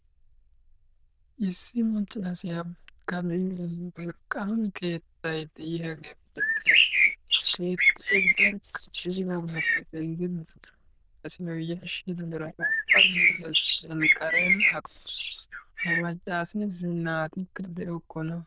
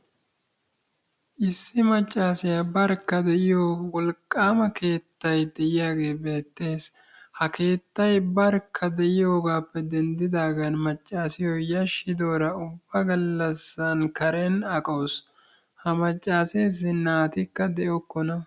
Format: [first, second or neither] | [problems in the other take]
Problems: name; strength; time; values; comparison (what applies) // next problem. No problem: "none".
second | noise reduction (neural diffusion model UNIVERSE++)